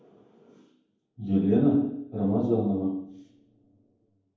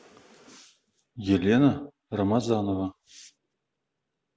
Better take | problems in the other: second | room echo; dies away in 0.9 s

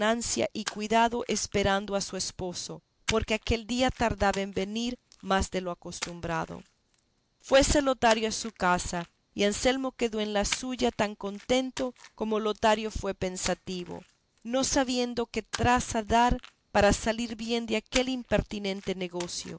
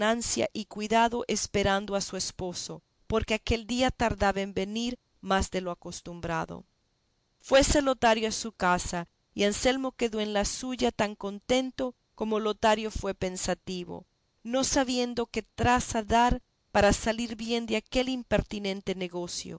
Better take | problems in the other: second | background sound (Splash, splatter); 17 dB below the speech

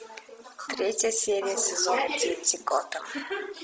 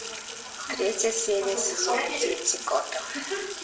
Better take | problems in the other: first | background sound (Sink (filling or washing)); 10 dB below the speech // room echo; dies away in 0.6 s

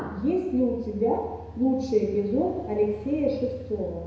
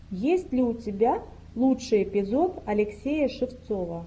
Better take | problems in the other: second | background sound (Engine); 20 dB below the speech // room echo; dies away in 1 s

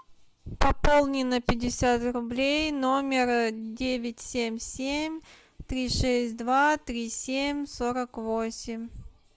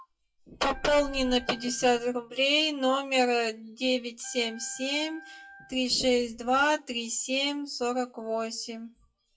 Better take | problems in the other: first | noise reduction (classical method WPE with log-MMSE)

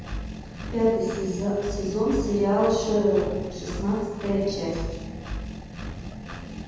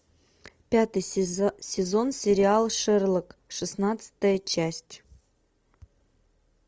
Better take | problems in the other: second | background sound (Engine); 8 dB below the speech // room echo; dies away in 1.2 s

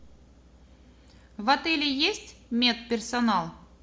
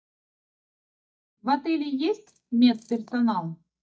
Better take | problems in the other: first | noise reduction (neural mask model DeepFilterNet 3)

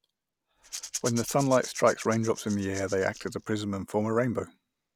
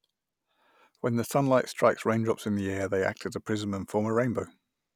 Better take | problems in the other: second | background sound (Rattle / Rattle (instrument)); 13 dB below the speech

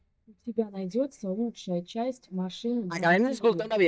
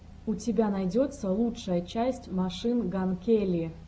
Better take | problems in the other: second | noise reduction (neural mask model DeepFilterNet 3)

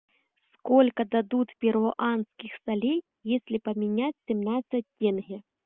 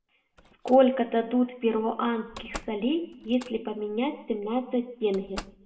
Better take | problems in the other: first | background sound (Slam); 20 dB below the speech // room echo; dies away in 0.6 s

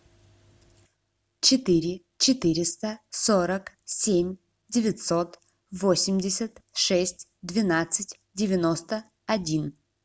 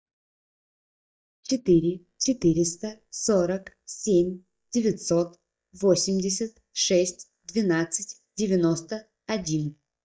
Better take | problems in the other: first | noise reduction (neural mask model DeepFilterNet 3)

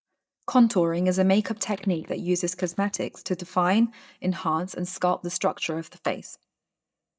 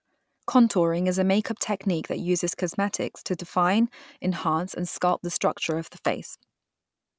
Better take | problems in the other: second | noise reduction (neural mask model DeepFilterNet 3)

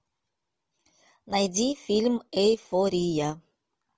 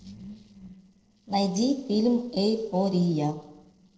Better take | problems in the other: first | noise reduction (neural separator model SepFormer DNS4)

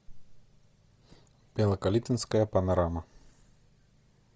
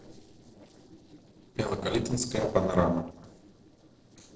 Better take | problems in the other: first | noise reduction (neural separator model SepFormer DNS4)

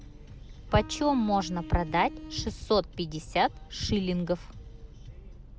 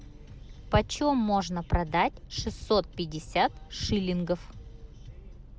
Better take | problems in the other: second | background sound (Bowed string instrument); 14 dB below the speech

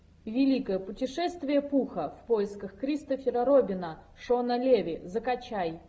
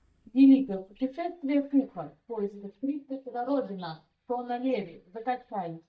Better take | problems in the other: first | noise reduction (neural mask model DeepFilterNet 3)

